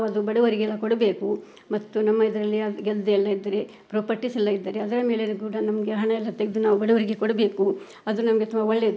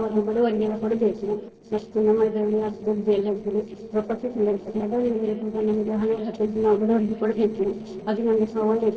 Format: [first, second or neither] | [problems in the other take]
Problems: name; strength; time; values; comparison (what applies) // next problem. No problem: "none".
first | noise reduction (neural separator model SepFormer DNS4)